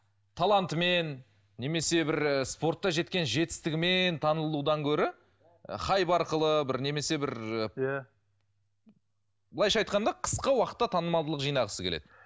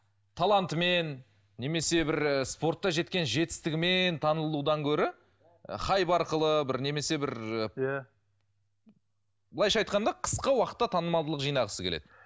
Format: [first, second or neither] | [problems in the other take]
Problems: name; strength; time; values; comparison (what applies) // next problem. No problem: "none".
first | background sound (Thump, thud); 20 dB below the speech